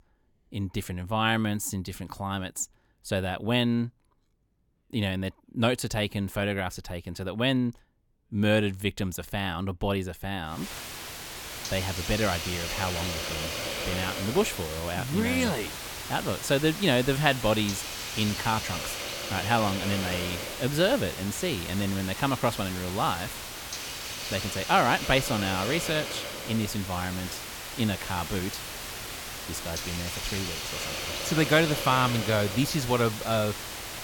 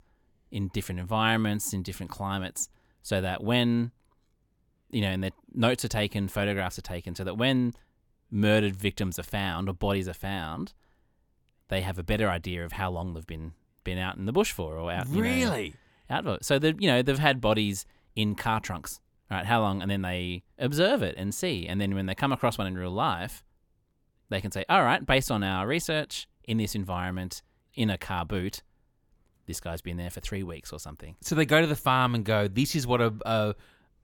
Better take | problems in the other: second | hiss; loud; from 11 s on; 5 dB below the speech

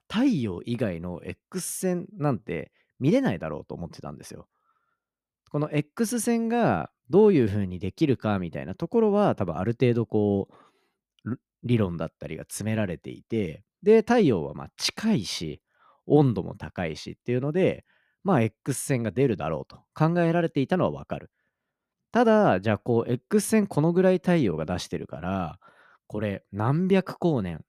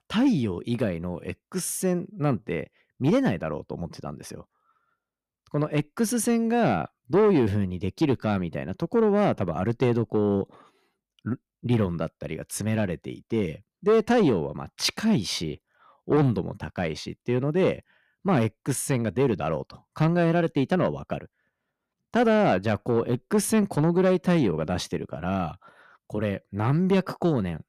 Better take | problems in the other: first | distortion; slight; 10 dB below the speech

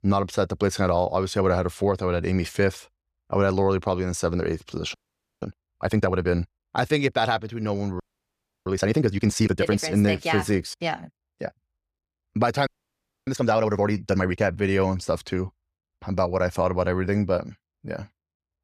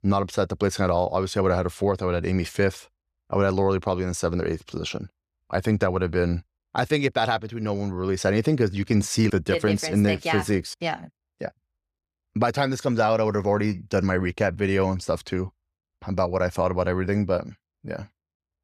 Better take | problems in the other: second | audio freezing; at 5 s, at 8 s for 0.5 s and at 13 s for 0.5 s

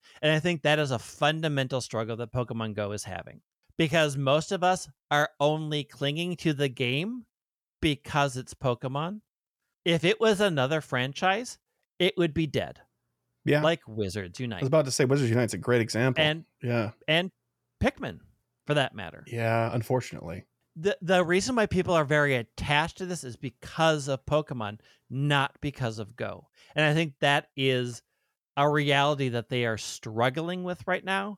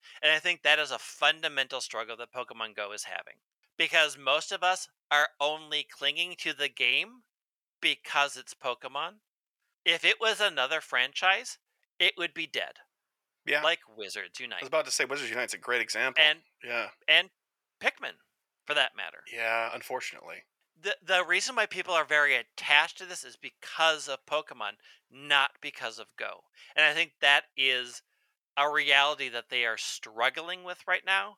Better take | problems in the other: first | thin; very; fading below 700 Hz

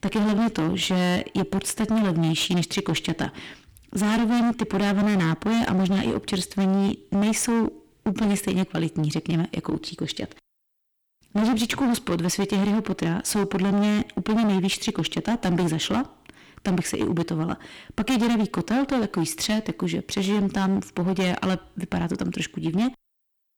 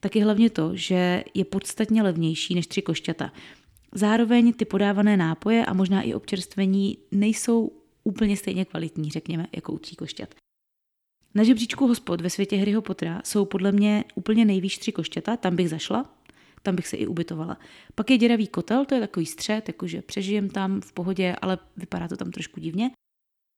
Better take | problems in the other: second | distortion; heavy; 23% of the sound clipped

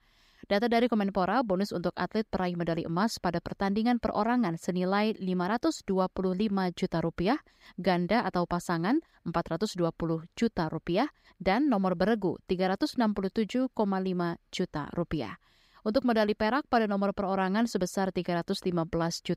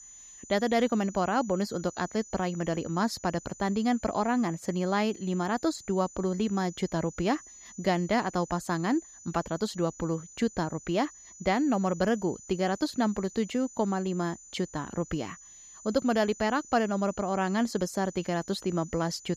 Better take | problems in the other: first | high-pitched whine; noticeable; throughout; 7 kHz, 20 dB below the speech

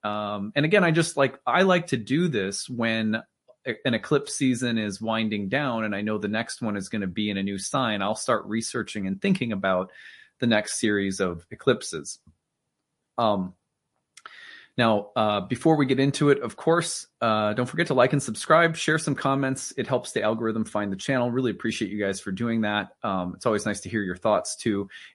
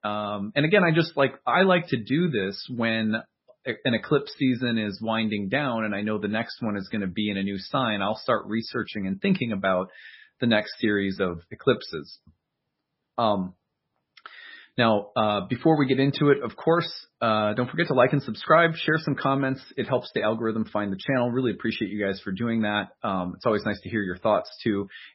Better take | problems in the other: first | garbled, watery; badly; nothing above 5.5 kHz; slightly in the first

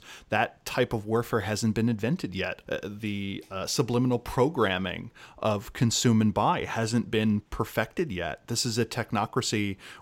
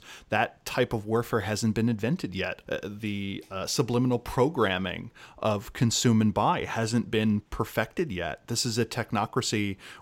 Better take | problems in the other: neither | none

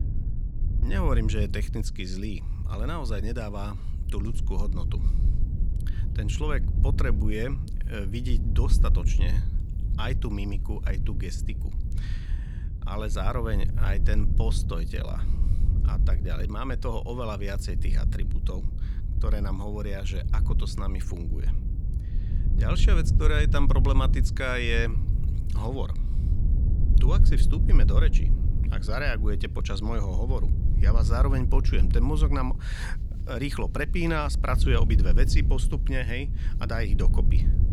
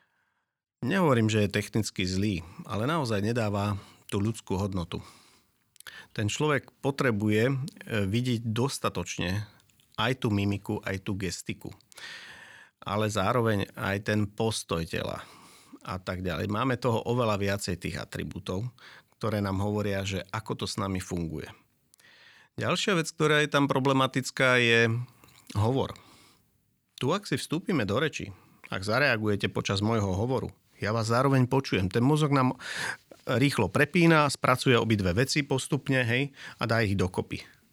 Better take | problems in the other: second | wind noise on the microphone; occasional gusts; 10 dB below the speech

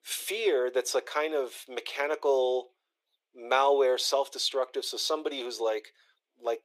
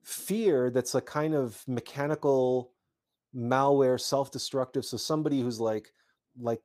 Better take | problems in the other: second | thin; very; fading below 400 Hz

